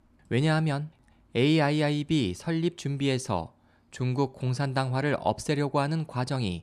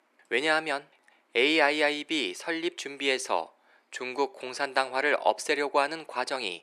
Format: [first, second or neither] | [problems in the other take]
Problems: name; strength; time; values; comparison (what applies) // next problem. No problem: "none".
first | thin; very; fading below 400 Hz